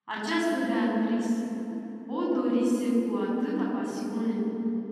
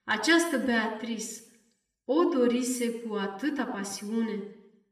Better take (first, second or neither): second